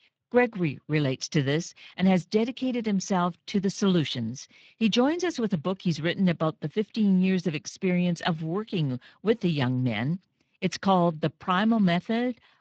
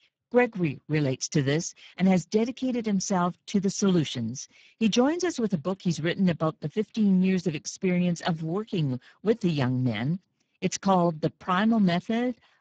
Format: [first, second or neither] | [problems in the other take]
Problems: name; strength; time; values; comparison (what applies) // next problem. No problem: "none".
first | garbled, watery; badly; slightly in the first